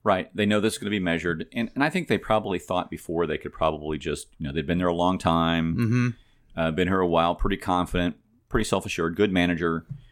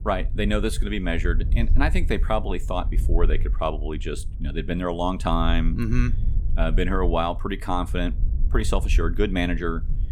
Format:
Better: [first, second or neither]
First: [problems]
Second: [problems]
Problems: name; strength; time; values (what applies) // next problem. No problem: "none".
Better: first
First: none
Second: low rumble; noticeable; throughout; 20 dB below the speech